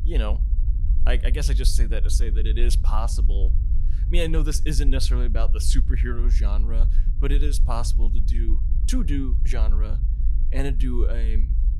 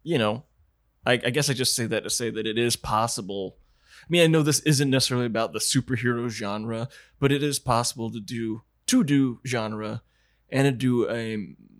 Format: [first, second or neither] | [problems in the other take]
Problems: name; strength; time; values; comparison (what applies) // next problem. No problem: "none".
second | low rumble; noticeable; throughout; 10 dB below the speech